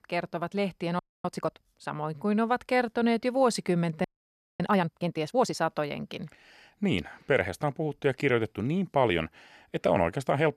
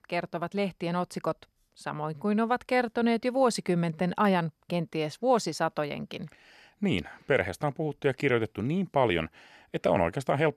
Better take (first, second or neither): second